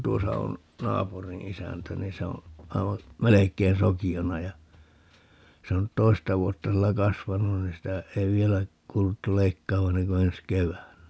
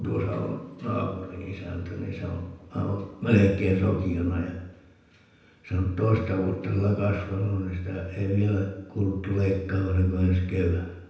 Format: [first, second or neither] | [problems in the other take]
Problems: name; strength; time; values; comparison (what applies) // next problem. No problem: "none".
first | room echo; dies away in 0.9 s